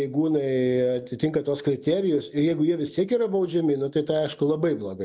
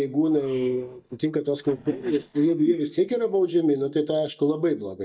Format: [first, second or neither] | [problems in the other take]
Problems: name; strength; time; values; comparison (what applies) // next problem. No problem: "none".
first | noise reduction (neural mask model DeepFilterNet 3)